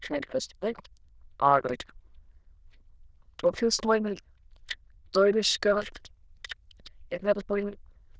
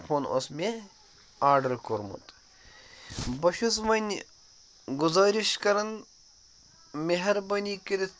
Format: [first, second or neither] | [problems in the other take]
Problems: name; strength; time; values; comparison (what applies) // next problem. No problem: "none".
second | noise reduction (neural diffusion model UNIVERSE++)